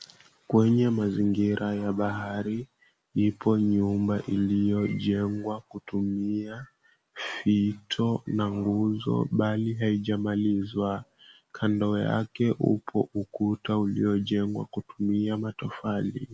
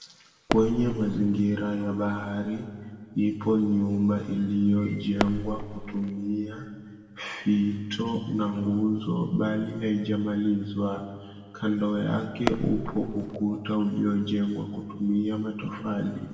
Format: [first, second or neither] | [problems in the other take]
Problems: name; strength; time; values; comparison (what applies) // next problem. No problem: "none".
first | background sound (Fireworks); 6 dB below the speech // room echo; dies away in 1.8 s